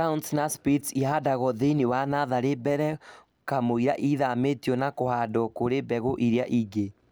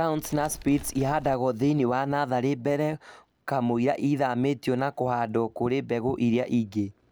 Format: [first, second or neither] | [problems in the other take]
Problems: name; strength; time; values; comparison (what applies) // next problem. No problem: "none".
first | background sound (Animal); 17 dB below the speech